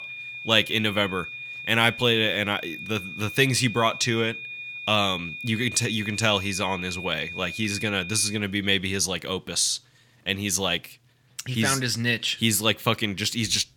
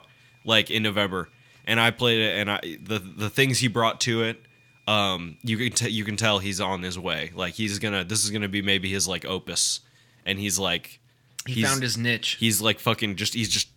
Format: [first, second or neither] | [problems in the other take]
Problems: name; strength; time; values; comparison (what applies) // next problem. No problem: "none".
second | high-pitched whine; loud; until 8.5 s; 2.5 kHz, 10 dB below the speech; faint in the second